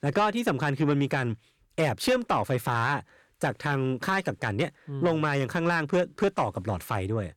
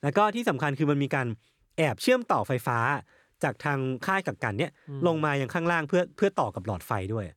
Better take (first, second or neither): second